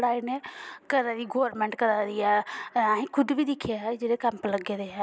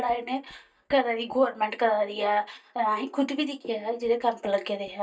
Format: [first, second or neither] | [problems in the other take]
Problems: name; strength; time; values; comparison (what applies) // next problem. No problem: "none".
first | noise reduction (neural mask model DeepFilterNet 3)